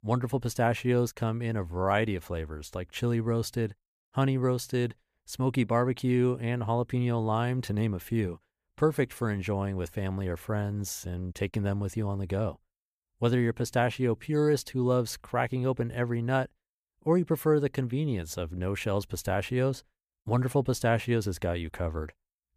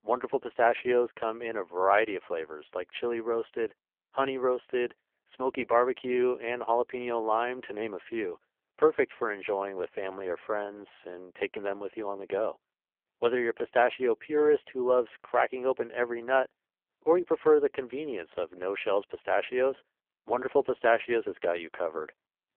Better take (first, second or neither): first